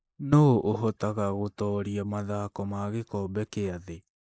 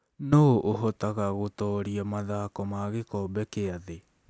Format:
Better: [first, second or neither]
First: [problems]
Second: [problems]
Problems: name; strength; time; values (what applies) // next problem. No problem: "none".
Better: second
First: noise reduction (neural mask model Resemble Enhance denoiser)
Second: none